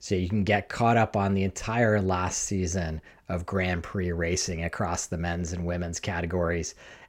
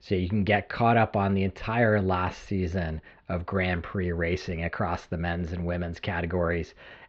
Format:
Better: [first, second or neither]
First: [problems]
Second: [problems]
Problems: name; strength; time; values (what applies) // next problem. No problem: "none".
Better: first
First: none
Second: muffled; very; fading above 4 kHz